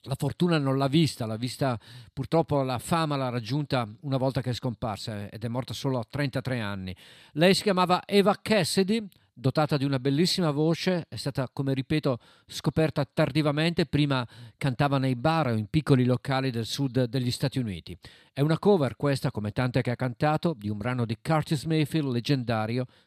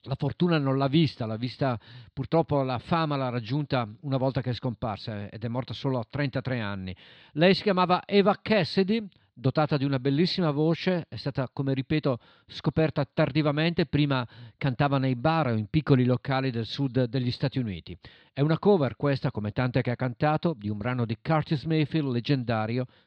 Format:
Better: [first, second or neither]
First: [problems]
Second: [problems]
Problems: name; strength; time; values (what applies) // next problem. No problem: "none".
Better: first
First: none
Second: muffled; very slightly; fading above 4 kHz